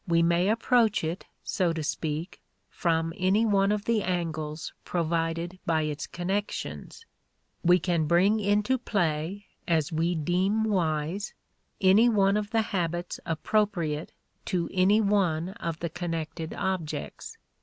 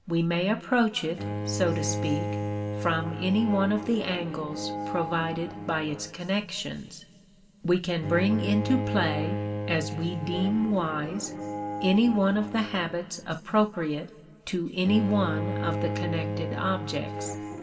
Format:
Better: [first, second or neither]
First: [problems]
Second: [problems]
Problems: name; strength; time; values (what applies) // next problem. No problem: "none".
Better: first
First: none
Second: background sound (Bowed string instrument); 6 dB below the speech // room echo; dies away in 2.6 s